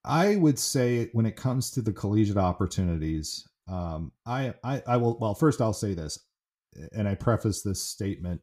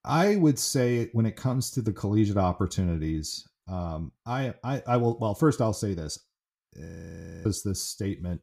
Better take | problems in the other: first | audio freezing; at 7 s for 0.5 s

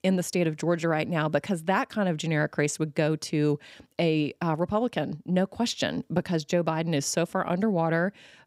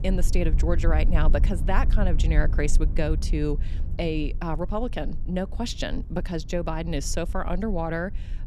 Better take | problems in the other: first | low rumble; noticeable; throughout; 15 dB below the speech

